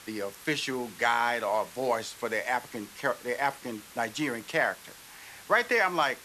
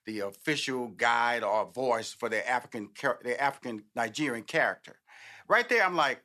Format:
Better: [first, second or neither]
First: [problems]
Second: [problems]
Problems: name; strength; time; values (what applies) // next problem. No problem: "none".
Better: second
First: hiss; noticeable; throughout; 20 dB below the speech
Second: none